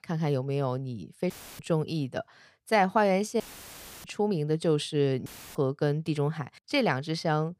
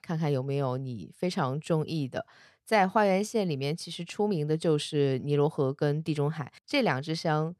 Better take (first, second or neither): second